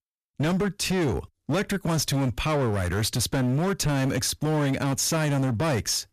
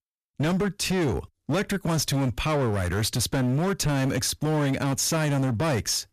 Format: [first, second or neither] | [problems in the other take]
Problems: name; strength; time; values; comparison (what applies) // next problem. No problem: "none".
neither | distortion; slight; 23% of the sound clipped; the same in both